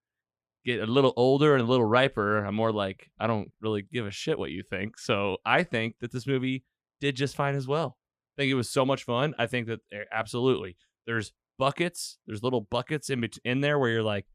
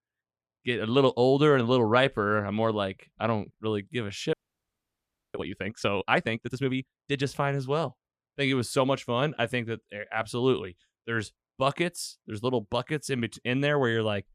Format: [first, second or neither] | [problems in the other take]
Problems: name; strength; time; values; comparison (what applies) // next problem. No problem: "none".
first | audio freezing; at 4.5 s for 1 s